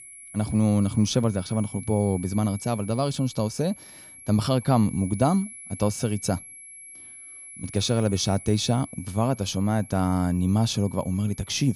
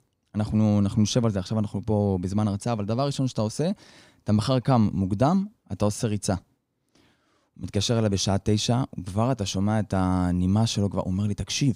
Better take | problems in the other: second | high-pitched whine; noticeable; throughout; 11 kHz, 15 dB below the speech

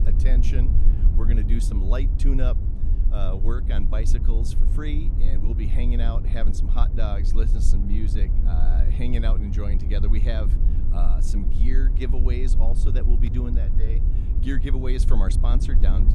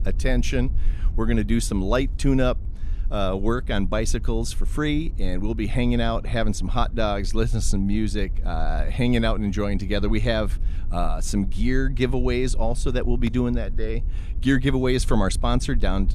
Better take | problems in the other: second | low rumble; loud; throughout; 5 dB below the speech; faint in the second

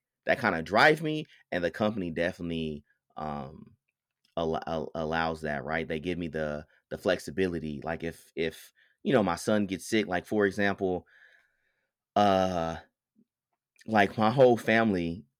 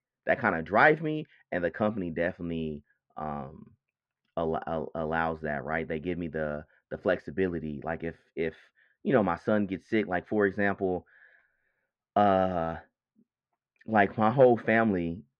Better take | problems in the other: first | muffled; very; fading above 1.5 kHz

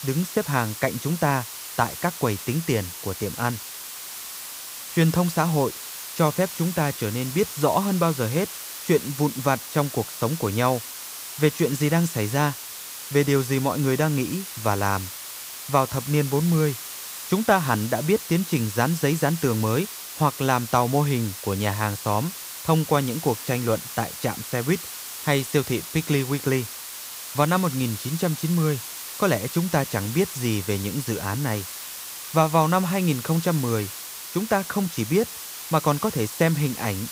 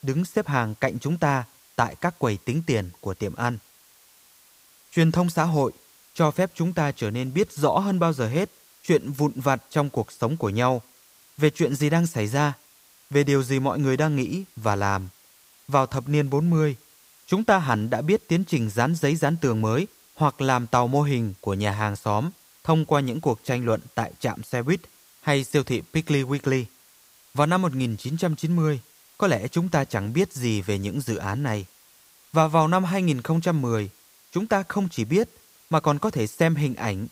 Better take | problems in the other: second | hiss; loud; throughout; 9 dB below the speech; faint in the second

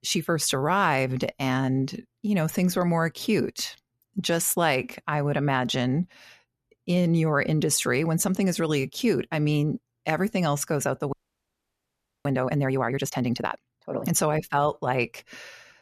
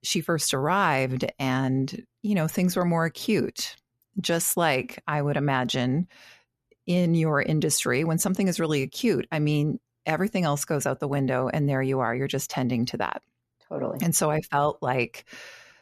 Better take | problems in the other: second | audio freezing; at 11 s for 1 s

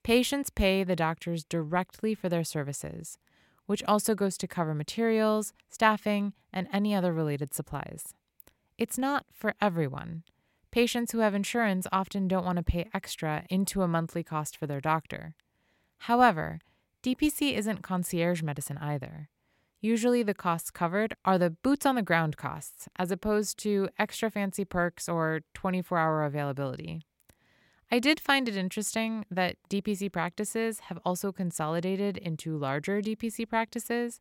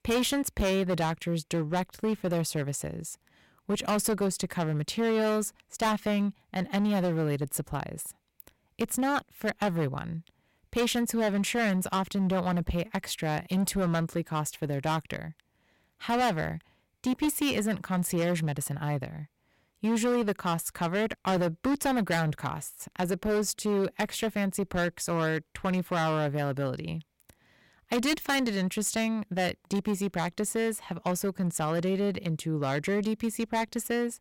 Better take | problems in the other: first | distortion; heavy; 10% of the sound clipped

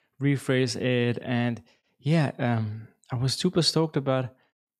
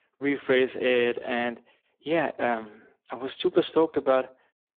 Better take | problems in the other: first | phone-call audio; poor line

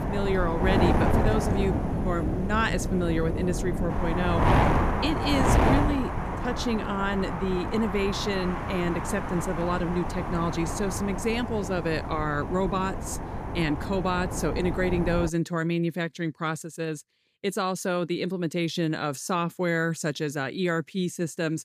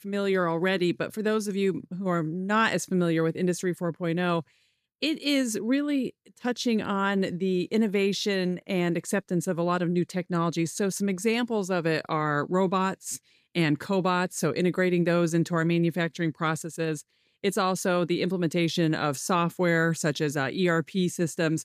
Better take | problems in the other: second | wind noise on the microphone; heavy; until 15 s; 1 dB below the speech

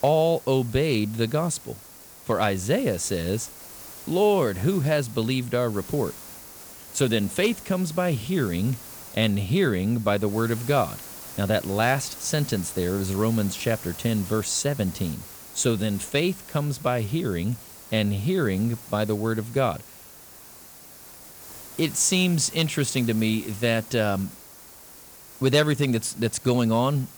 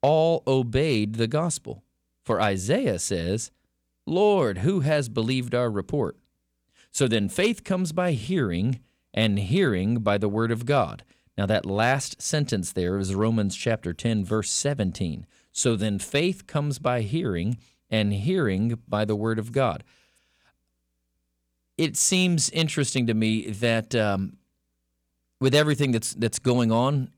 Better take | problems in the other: second | hiss; noticeable; throughout; 15 dB below the speech

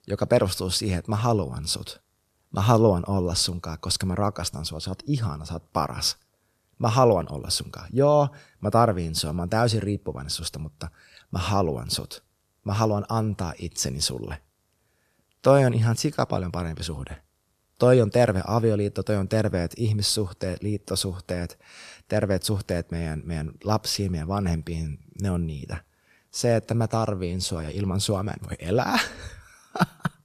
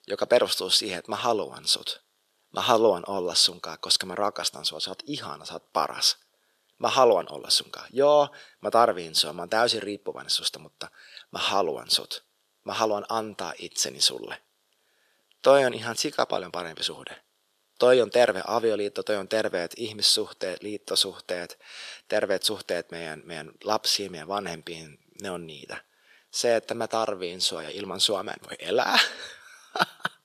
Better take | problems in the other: first | thin; very; fading below 450 Hz

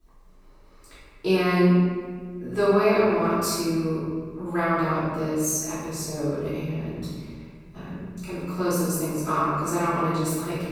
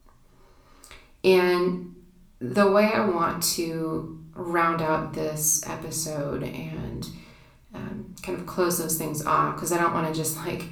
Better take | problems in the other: second | room echo; strong; dies away in 1.7 s; slight in the second // off-mic speech; far; somewhat distant in the second

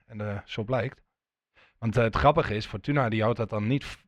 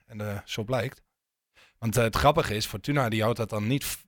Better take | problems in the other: second | muffled; slightly; fading above 3 kHz

